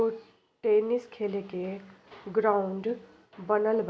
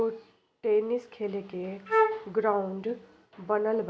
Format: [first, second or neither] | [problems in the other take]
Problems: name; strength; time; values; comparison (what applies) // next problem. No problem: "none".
first | background sound (Wind instrument, woodwind instrument); 3 dB above the speech